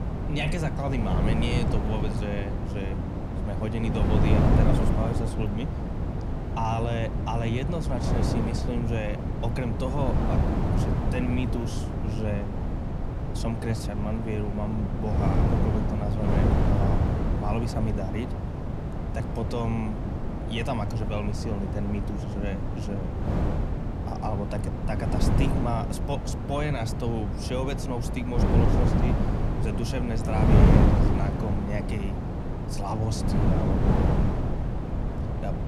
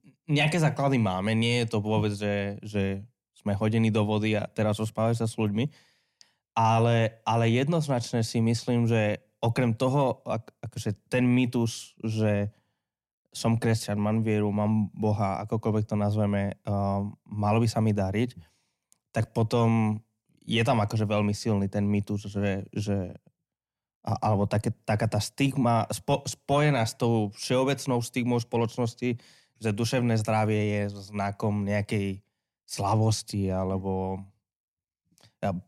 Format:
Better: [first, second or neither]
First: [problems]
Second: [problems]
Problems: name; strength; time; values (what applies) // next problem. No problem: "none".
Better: second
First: wind noise on the microphone; heavy; as loud as the speech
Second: none